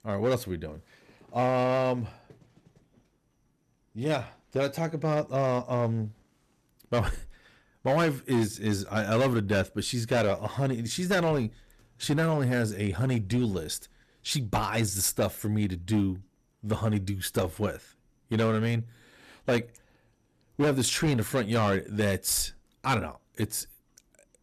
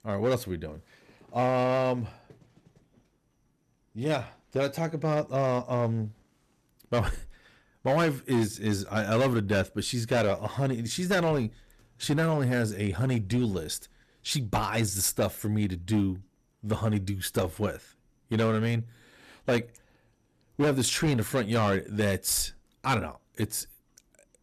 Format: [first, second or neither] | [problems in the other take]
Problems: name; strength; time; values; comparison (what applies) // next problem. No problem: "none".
neither | distortion; slight; 6% of the sound clipped; the same in both